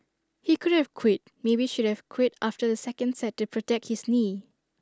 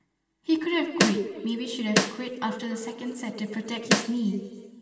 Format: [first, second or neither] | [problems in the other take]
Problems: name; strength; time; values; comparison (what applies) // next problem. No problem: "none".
first | background sound (Snare drum); 3 dB above the speech // room echo; dies away in 2.5 s